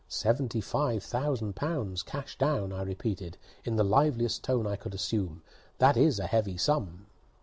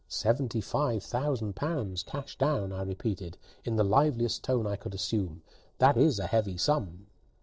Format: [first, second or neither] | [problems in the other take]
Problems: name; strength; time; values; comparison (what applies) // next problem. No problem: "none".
first | noise reduction (neural separator model SepFormer DNS4)